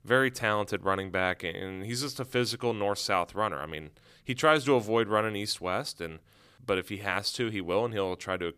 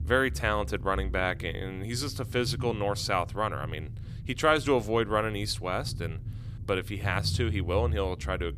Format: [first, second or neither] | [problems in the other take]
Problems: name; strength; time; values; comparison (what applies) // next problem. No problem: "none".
first | low rumble; faint; throughout; 20 dB below the speech